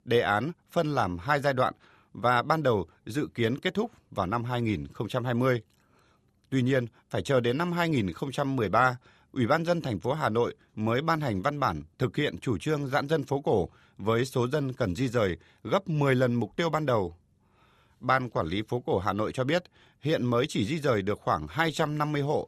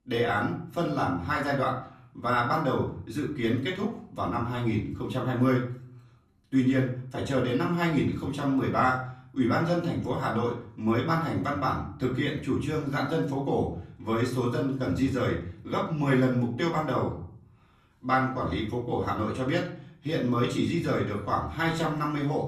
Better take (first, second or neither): first